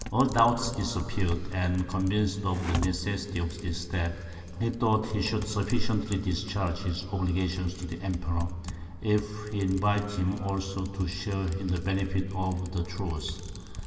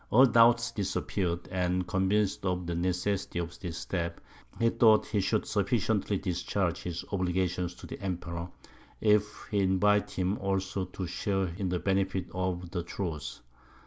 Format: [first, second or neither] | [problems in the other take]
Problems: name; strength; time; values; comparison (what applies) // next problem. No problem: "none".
second | background sound (Typing); 12 dB below the speech // room echo; dies away in 2.7 s